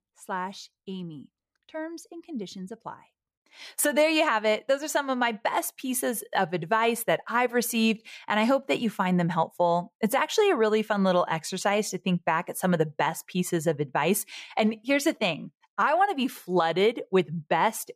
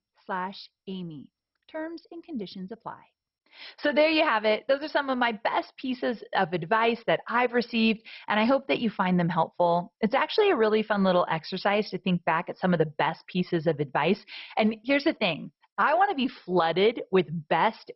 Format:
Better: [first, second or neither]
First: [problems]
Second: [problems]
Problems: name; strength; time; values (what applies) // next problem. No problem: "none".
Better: first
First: none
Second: garbled, watery; badly; nothing above 5.5 kHz